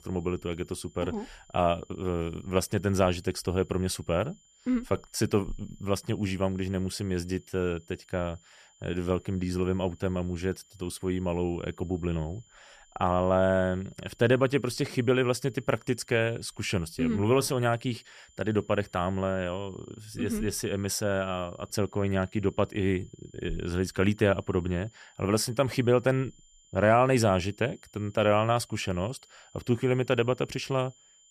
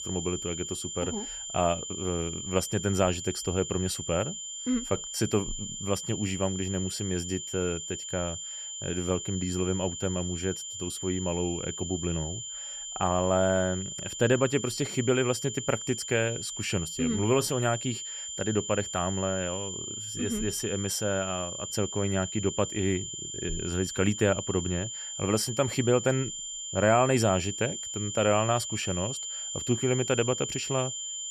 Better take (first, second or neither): first